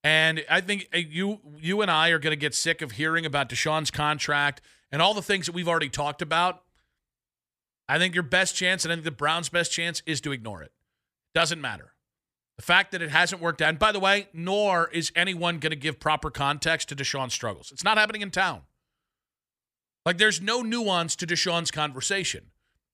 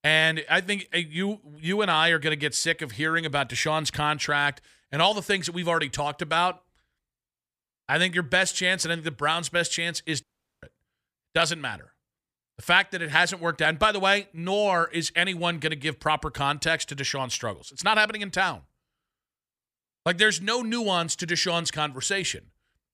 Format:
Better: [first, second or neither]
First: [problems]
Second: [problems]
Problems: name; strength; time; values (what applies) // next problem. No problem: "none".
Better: first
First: none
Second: audio cutting out; at 10 s